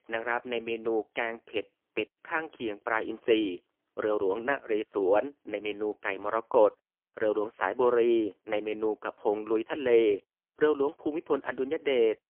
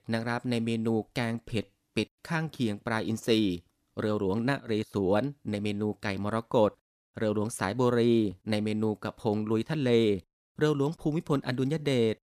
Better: second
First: phone-call audio; poor line; nothing above 3 kHz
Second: none

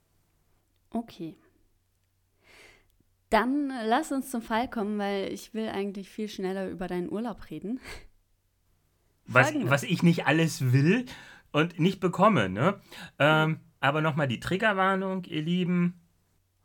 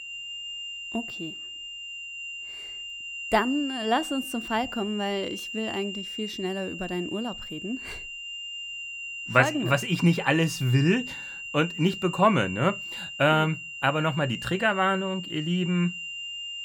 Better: first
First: none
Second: high-pitched whine; loud; throughout; 3 kHz, 8 dB below the speech

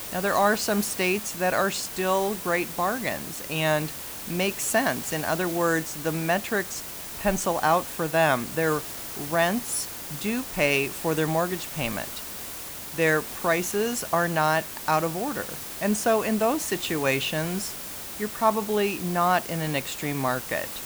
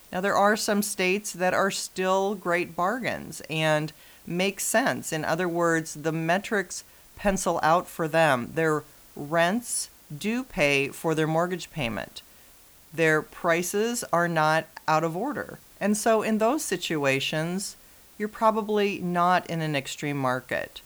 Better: second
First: hiss; loud; throughout; 8 dB below the speech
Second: hiss; faint; throughout; 25 dB below the speech

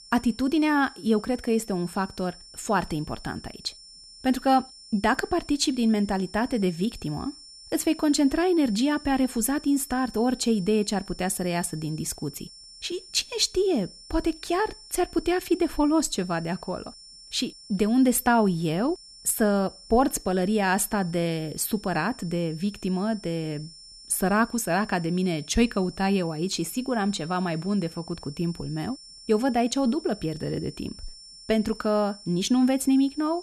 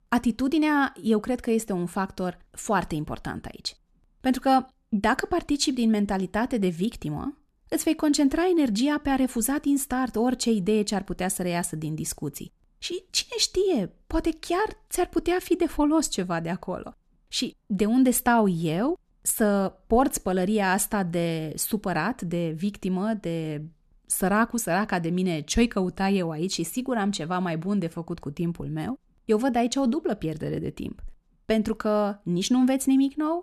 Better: second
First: high-pitched whine; noticeable; throughout; 5.5 kHz, 20 dB below the speech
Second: none

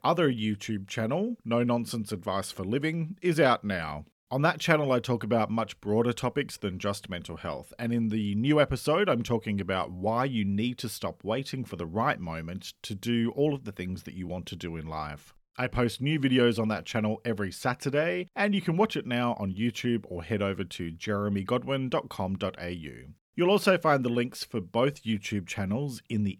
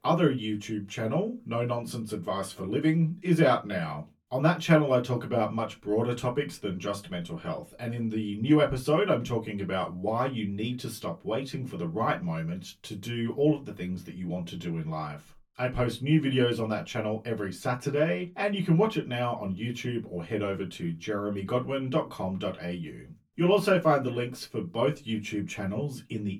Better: first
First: none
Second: off-mic speech; far // room echo; very slight; dies away in 0.2 s

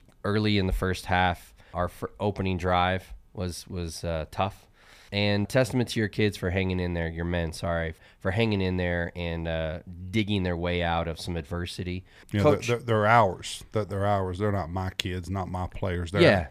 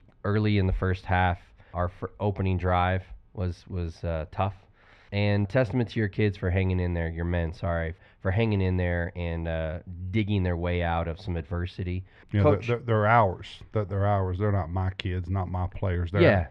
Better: first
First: none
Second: muffled; slightly; fading above 2.5 kHz

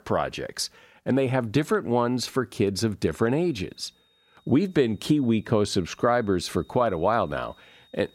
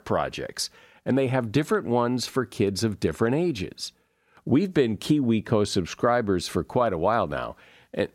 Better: second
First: high-pitched whine; faint; from 3 s on; 3.5 kHz, 35 dB below the speech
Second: none

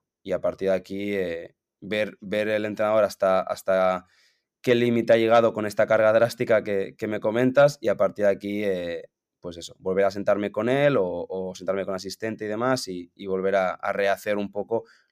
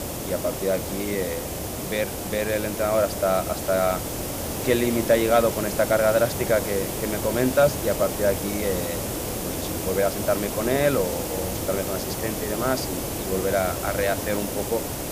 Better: first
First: none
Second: hiss; loud; throughout; 4 dB below the speech

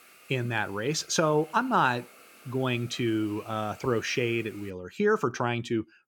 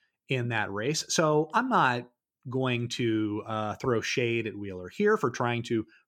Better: second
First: hiss; faint; until 4.5 s; 25 dB below the speech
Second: none

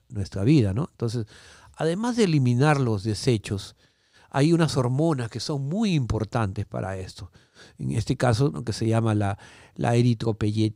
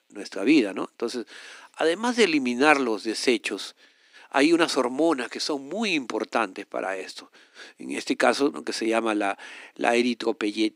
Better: first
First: none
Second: thin; somewhat; fading below 250 Hz

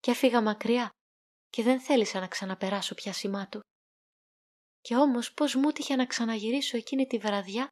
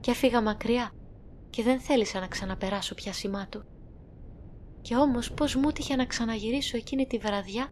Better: first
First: none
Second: wind noise on the microphone; occasional gusts; 25 dB below the speech

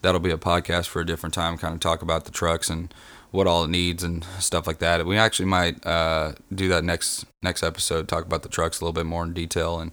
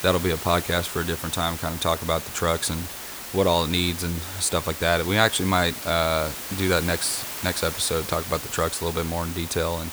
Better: first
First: none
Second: hiss; loud; throughout; 8 dB below the speech

